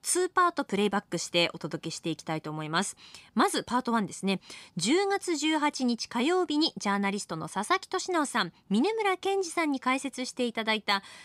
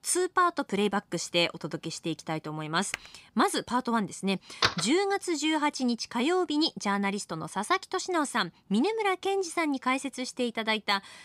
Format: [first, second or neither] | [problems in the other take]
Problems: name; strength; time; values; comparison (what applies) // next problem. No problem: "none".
first | keyboard typing; very faint; at 3 s; peak 10 dB below the speech // door banging; loud; at 4.5 s; peak 1 dB above the speech